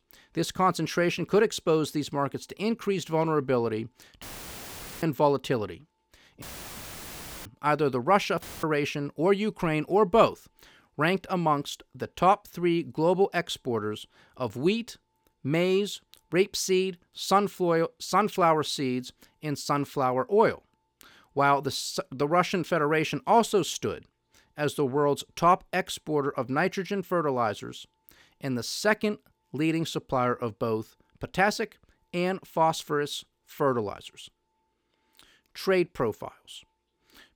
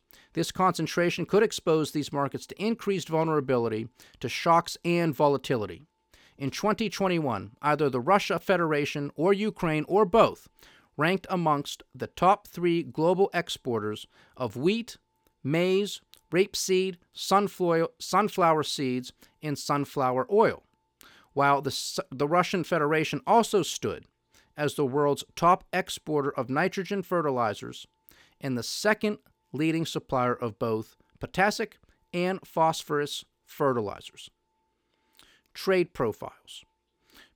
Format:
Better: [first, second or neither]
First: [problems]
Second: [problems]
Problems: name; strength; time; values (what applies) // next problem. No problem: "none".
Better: second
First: audio cutting out; filled with static; at 4 s for 1 s, at 6.5 s for 1 s and at 8.5 s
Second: none